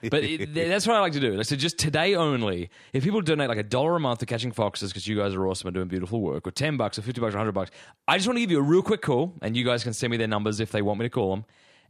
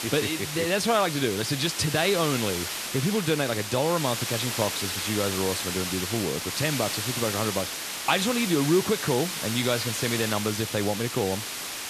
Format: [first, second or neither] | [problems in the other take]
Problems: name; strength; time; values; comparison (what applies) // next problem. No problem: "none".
first | hiss; loud; throughout; 3 dB below the speech